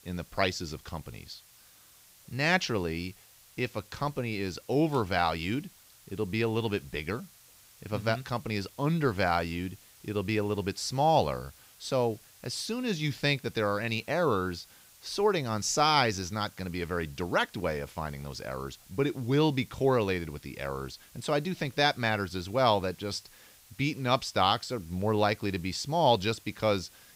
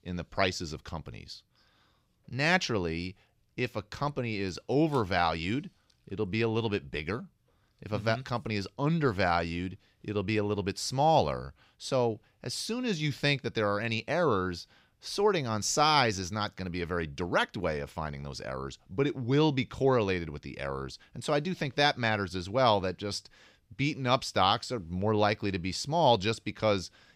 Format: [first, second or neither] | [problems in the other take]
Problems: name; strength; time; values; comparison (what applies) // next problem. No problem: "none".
second | hiss; faint; throughout; 25 dB below the speech